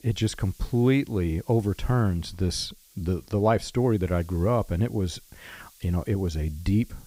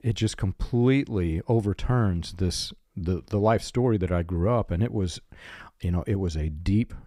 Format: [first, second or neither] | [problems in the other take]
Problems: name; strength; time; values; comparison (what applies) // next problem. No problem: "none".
second | hiss; faint; throughout; 25 dB below the speech